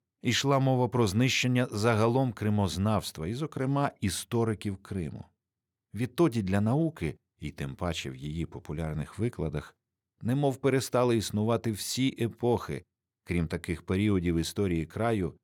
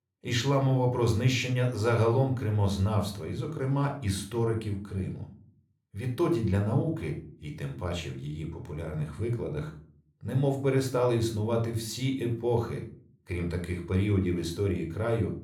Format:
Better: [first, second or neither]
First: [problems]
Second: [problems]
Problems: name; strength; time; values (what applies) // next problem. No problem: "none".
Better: first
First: none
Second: room echo; slight; dies away in 0.4 s